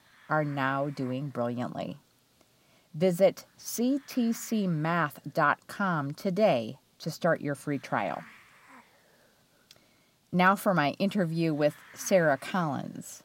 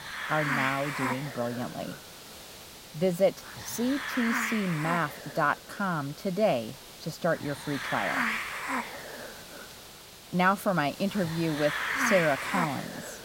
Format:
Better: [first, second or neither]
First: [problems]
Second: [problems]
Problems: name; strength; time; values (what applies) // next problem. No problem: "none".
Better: first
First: hiss; faint; throughout; 25 dB below the speech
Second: hiss; loud; throughout; 3 dB below the speech